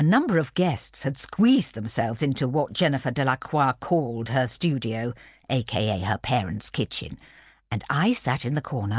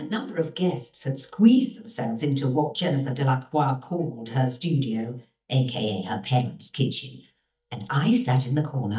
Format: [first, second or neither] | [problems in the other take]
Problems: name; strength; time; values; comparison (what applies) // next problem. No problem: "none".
first | noise reduction (neural mask model DeepFilterNet 3)